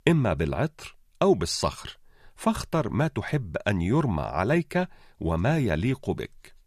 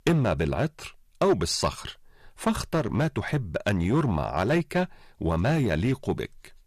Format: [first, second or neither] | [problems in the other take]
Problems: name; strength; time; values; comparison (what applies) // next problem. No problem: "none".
first | distortion; slight; 6% of the sound clipped